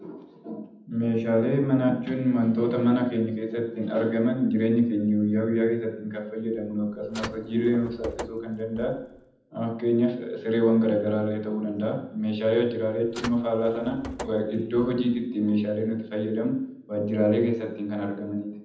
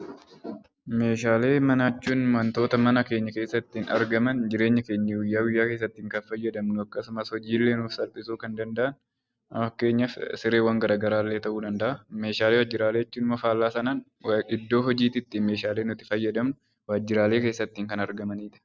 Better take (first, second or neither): second